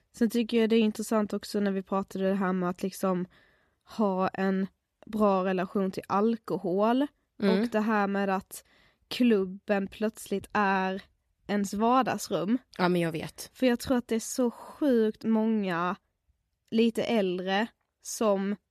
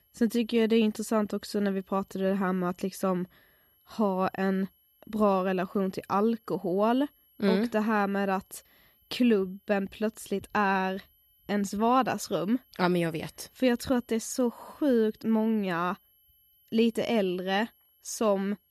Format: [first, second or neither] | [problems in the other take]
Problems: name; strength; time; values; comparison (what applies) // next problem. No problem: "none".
first | high-pitched whine; faint; throughout; 11.5 kHz, 35 dB below the speech